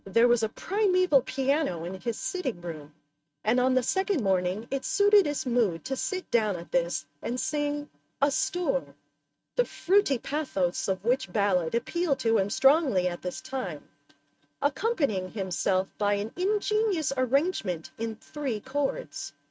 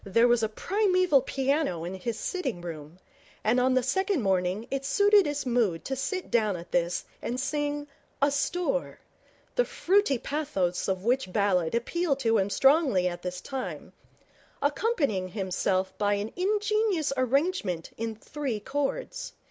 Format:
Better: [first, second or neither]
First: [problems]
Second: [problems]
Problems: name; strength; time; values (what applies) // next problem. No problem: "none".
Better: second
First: noise reduction (neural mask model RNNoise)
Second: none